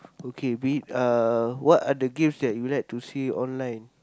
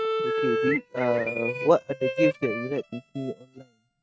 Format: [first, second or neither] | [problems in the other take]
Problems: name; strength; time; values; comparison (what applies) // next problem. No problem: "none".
first | noise reduction (neural mask model RNNoise)